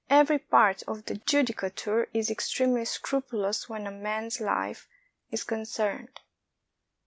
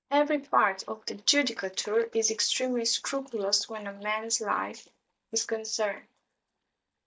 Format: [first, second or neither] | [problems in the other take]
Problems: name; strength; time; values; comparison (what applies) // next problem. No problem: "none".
first | noise reduction (neural mask model DeepFilterNet 3)